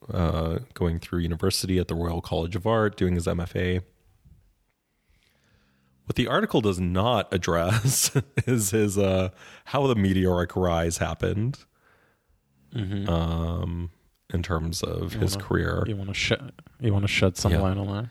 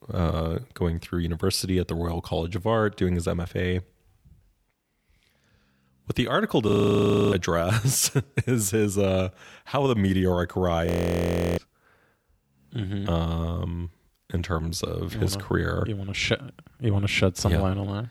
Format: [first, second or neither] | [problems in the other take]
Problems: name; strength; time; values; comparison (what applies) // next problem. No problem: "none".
first | audio freezing; at 6.5 s for 0.5 s and at 11 s for 0.5 s